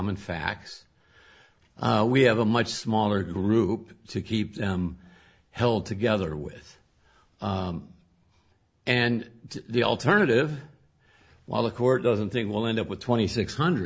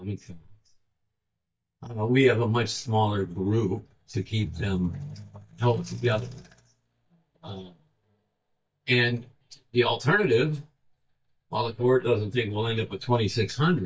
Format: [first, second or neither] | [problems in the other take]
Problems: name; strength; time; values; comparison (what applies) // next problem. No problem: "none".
first | noise reduction (neural mask model DeepFilterNet 3)